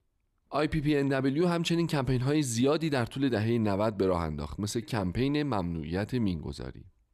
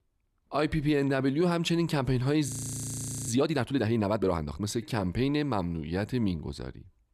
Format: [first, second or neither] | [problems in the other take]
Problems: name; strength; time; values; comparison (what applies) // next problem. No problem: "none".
first | audio freezing; at 2.5 s for 1 s